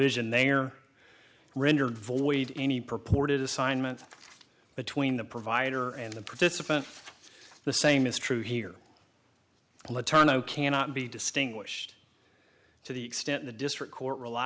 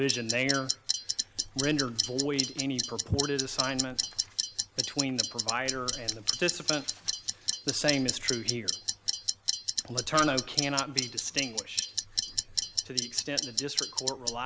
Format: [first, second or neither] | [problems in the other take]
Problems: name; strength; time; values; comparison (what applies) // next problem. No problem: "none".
first | background sound (Clock); as loud as the speech